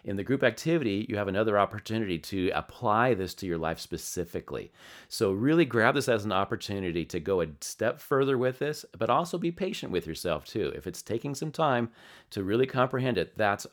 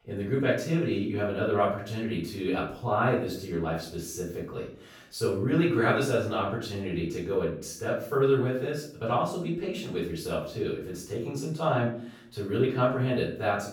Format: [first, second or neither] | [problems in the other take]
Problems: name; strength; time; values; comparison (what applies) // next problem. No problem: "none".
first | off-mic speech; far // room echo; noticeable; dies away in 0.5 s